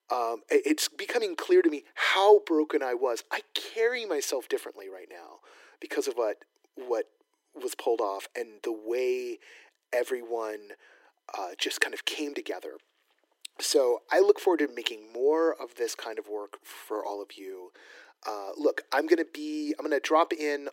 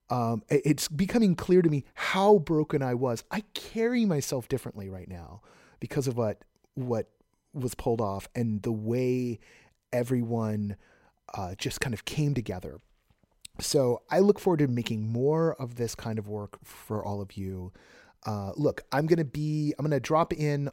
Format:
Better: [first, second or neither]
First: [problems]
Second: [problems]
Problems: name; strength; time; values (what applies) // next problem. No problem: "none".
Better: second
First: thin; very; fading below 300 Hz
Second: none